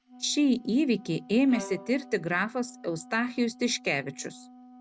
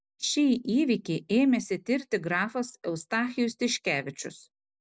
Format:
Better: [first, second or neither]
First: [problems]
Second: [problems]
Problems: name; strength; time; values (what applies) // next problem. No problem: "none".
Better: second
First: background sound (Bowed string instrument + Wind instrument, woodwind instrument); 19 dB below the speech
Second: none